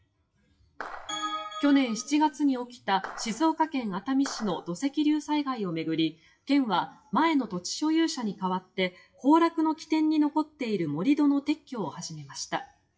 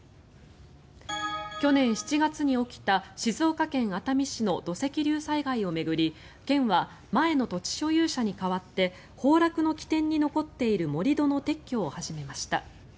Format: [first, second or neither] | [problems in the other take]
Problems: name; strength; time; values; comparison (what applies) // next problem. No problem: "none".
second | noise reduction (classical method WPE with log-MMSE)